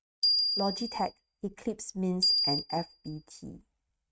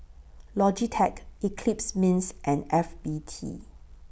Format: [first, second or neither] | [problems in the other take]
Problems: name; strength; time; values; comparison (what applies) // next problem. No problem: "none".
second | noise reduction (neural mask model RNNoise)